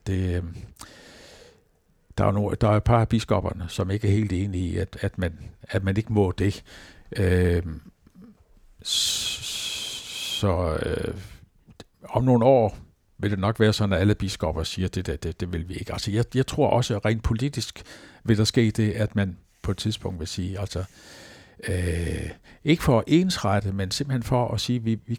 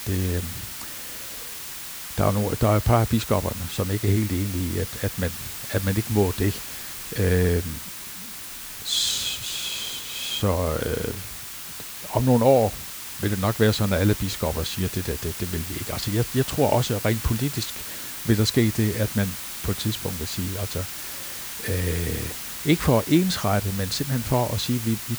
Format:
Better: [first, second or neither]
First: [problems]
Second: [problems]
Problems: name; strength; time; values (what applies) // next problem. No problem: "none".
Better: first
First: none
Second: hiss; loud; throughout; 8 dB below the speech